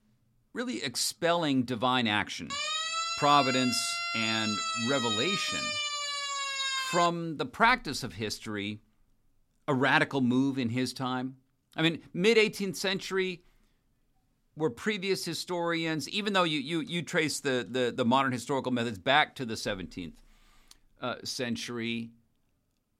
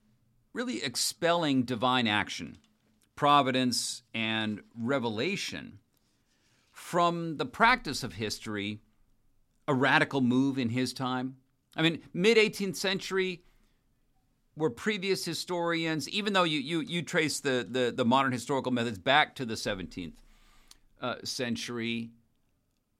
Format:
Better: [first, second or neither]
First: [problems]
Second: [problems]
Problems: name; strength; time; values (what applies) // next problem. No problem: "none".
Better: second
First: siren; noticeable; from 2.5 to 7 s; peak level with the speech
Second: none